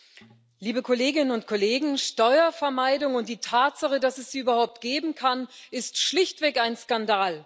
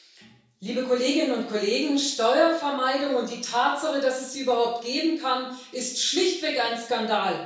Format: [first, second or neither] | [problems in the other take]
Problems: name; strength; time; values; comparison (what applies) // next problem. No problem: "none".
first | room echo; dies away in 0.6 s